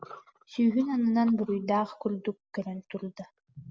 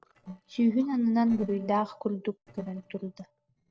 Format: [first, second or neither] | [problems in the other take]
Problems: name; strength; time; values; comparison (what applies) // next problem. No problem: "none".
first | noise reduction (neural separator model SepFormer DNS4)